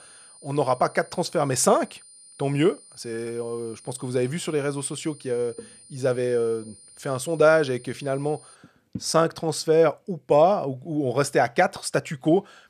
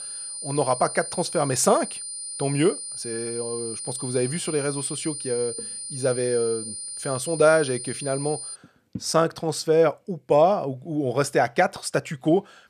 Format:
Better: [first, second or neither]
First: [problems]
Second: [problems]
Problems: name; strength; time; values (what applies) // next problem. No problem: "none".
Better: first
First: high-pitched whine; faint; until 8.5 s; 9.5 kHz, 20 dB below the speech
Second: high-pitched whine; loud; until 8.5 s; 9.5 kHz, 7 dB below the speech